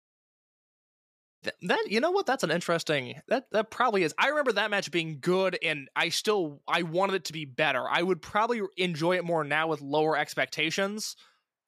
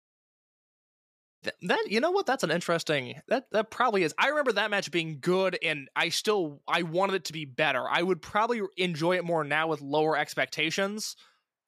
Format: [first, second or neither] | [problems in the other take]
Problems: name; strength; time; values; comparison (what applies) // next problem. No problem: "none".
neither | none